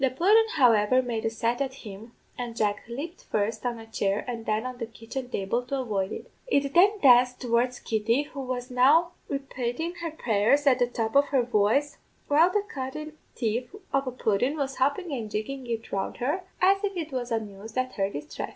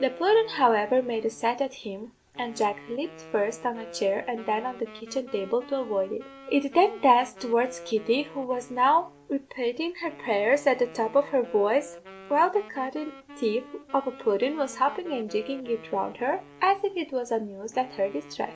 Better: first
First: none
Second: background sound (Wind instrument, woodwind instrument); 19 dB below the speech

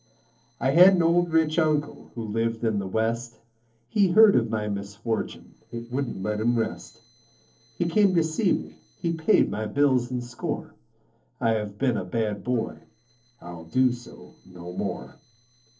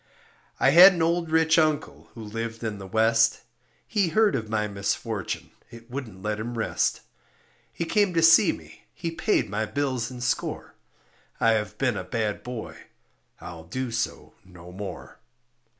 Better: second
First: noise reduction (neural separator model SepFormer DNS4)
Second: none

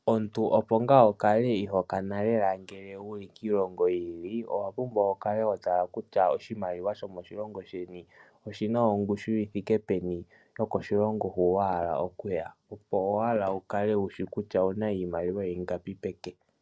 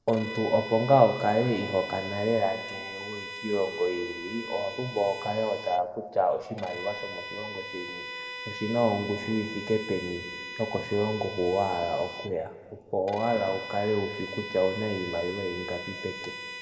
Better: first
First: none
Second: background sound (Bowed string instrument); 11 dB below the speech // room echo; dies away in 1.5 s

